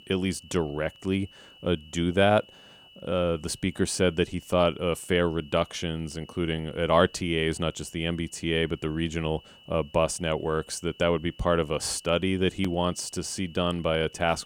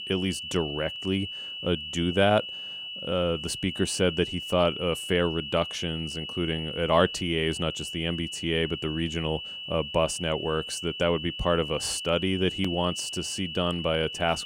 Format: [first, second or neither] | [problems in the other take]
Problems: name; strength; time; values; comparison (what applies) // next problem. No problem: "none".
first | high-pitched whine; loud; throughout; 3 kHz, 7 dB below the speech; faint in the first